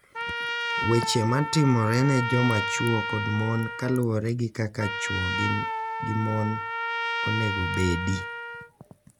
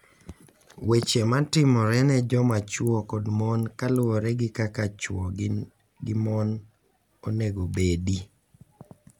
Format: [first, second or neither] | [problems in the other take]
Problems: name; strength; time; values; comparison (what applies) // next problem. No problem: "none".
second | background sound (Trumpet); 4 dB below the speech